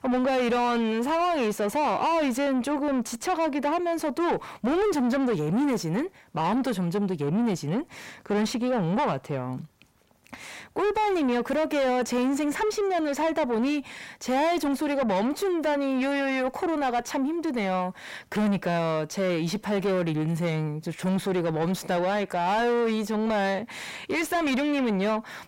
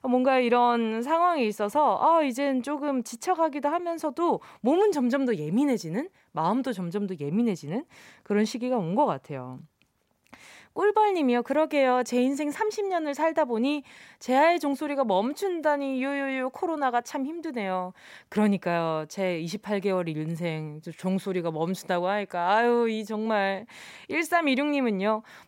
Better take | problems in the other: second | distortion; heavy; 7 dB below the speech

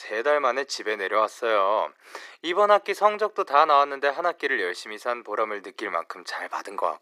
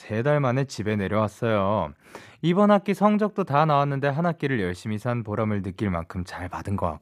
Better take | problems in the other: second | thin; very; fading below 350 Hz

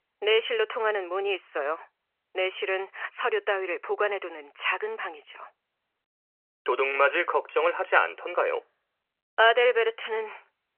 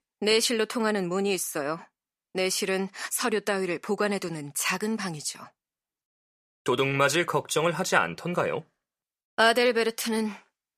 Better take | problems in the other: second | phone-call audio; nothing above 3 kHz

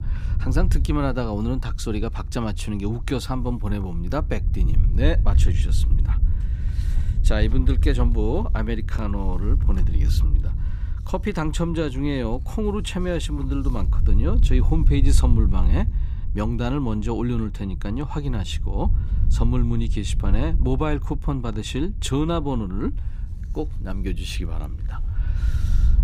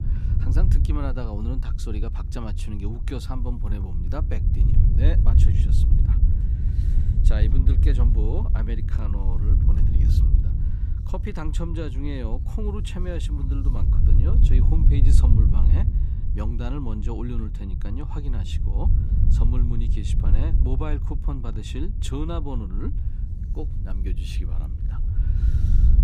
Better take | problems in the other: first | wind noise on the microphone; heavy; 3 dB below the speech; occasional gusts in the first

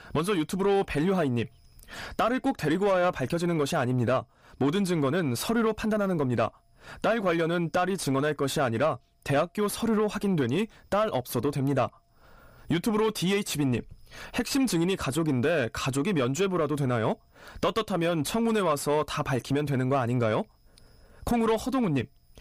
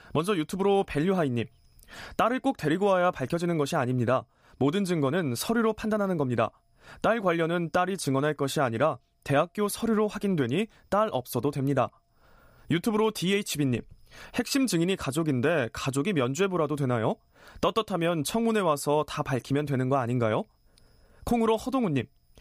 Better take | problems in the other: second | distortion; slight; 10 dB below the speech

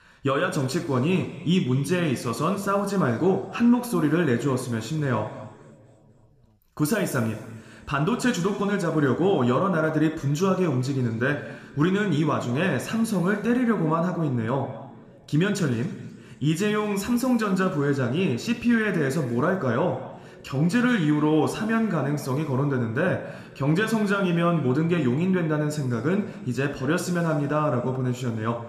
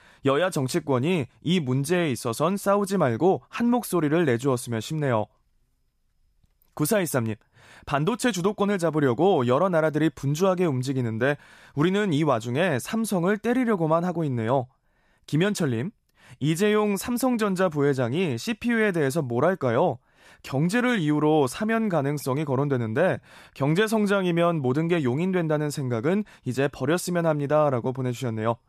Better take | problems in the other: second | room echo; slight; dies away in 1.8 s

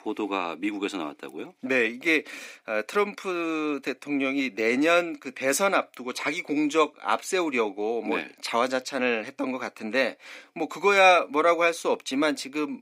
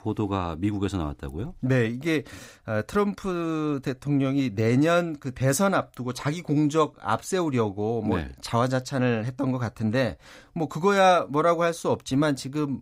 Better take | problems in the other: second | thin; very slightly; fading below 300 Hz

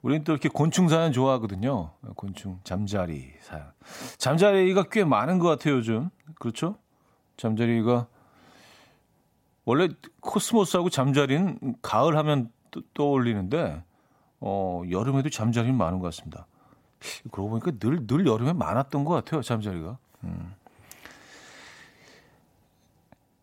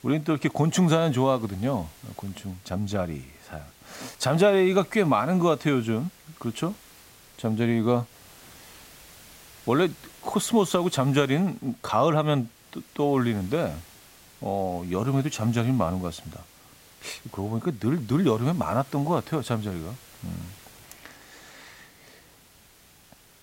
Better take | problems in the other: first | hiss; faint; throughout; 25 dB below the speech

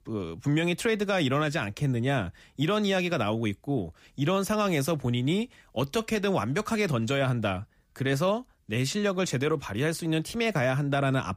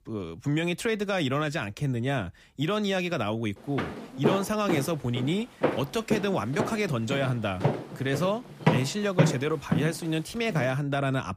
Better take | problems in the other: first | footsteps; loud; from 4 to 11 s; peak 4 dB above the speech

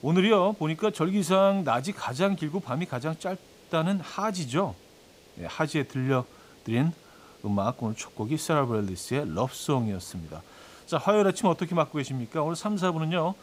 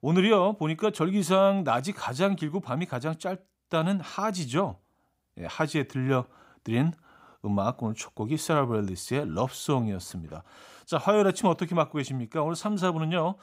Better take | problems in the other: second | hiss; faint; throughout; 25 dB below the speech

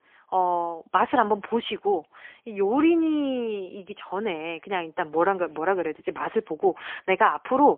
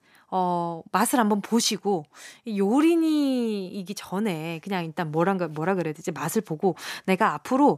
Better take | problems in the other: second | phone-call audio; poor line; nothing above 3.5 kHz

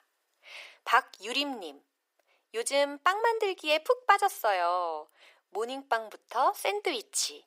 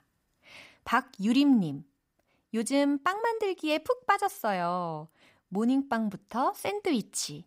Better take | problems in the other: second | thin; very; fading below 400 Hz

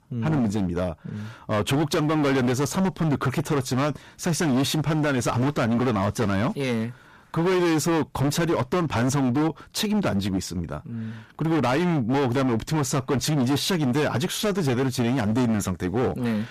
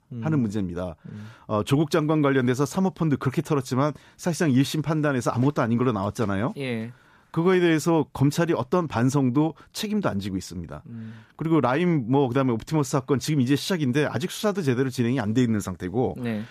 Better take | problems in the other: second | distortion; heavy; 23% of the sound clipped

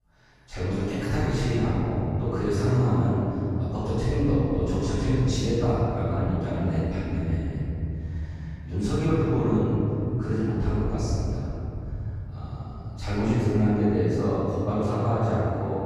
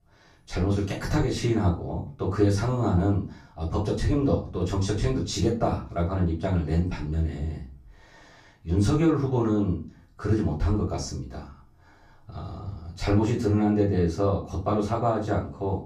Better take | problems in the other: second | room echo; strong; dies away in 3 s; slight in the second // off-mic speech; far; far in the second

